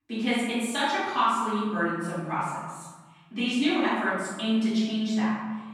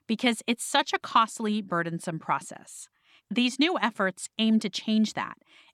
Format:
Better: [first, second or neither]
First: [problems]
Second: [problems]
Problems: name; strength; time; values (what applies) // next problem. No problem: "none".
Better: second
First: off-mic speech; far // room echo; strong; dies away in 1.3 s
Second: none